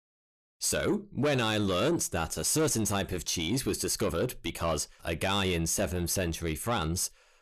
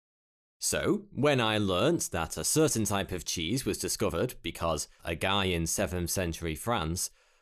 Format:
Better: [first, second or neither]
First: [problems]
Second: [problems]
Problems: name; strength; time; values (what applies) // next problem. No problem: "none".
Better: second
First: distortion; slight; 10 dB below the speech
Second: none